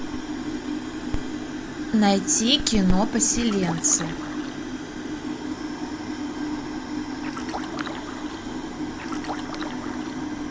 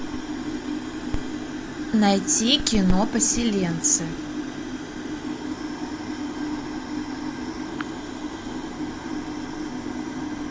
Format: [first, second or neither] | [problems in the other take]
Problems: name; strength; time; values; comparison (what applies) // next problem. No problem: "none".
second | background sound (Splash, splatter); 13 dB below the speech